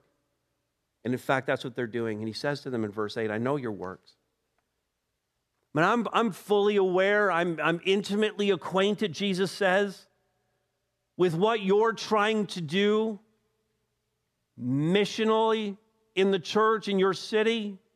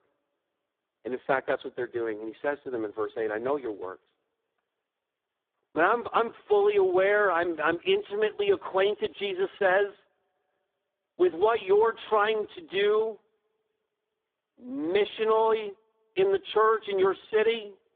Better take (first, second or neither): first